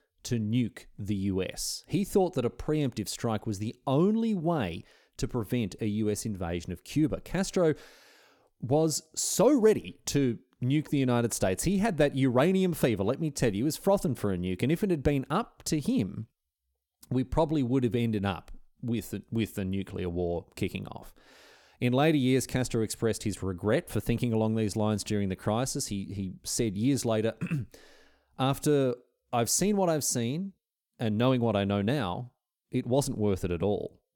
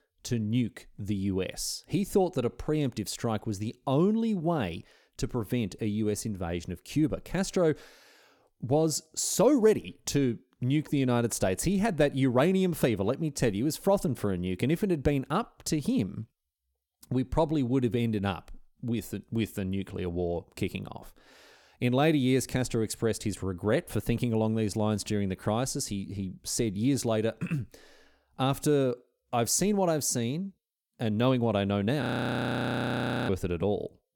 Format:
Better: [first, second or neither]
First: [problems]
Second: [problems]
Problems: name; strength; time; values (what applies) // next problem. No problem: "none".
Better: first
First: none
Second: audio freezing; at 32 s for 1.5 s